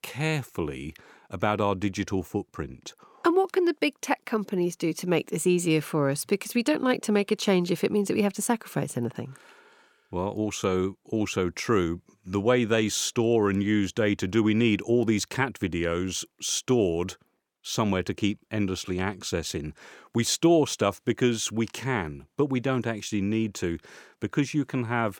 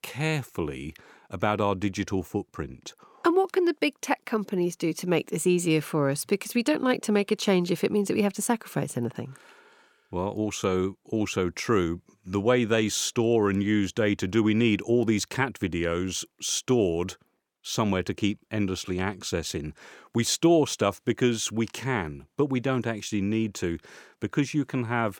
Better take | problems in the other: neither | none

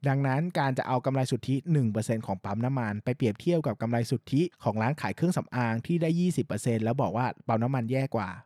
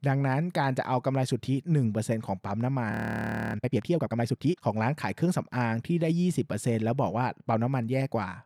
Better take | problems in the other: first | audio freezing; at 3 s for 0.5 s

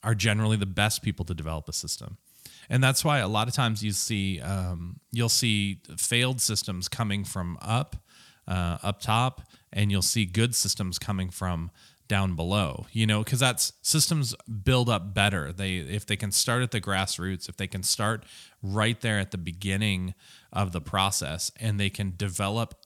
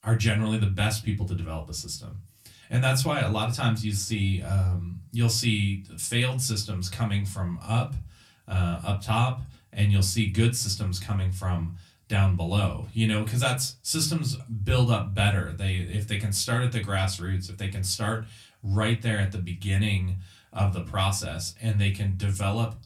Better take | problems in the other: first | off-mic speech; far // room echo; very slight; dies away in 0.2 s

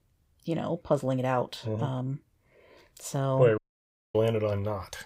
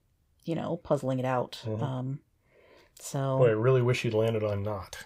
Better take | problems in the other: second | audio cutting out; at 3.5 s for 0.5 s

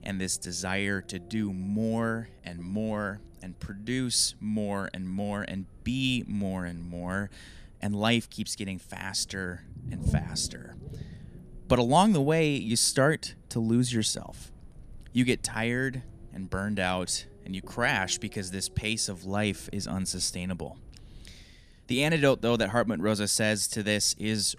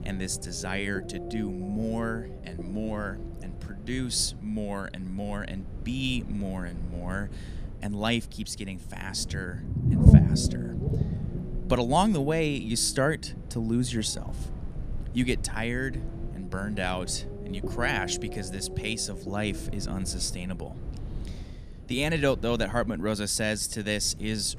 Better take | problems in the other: first | low rumble; loud; throughout; 10 dB below the speech; faint in the first

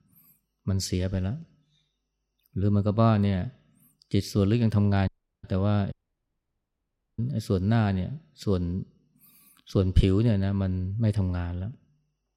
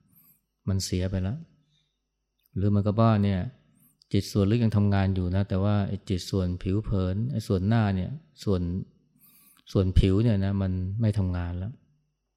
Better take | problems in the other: second | audio cutting out; at 5 s and at 6 s for 1.5 s

